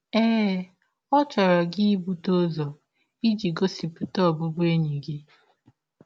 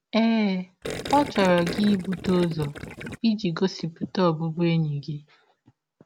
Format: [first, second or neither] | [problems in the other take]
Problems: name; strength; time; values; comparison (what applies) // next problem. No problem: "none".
first | background sound (Gurgling); 9 dB below the speech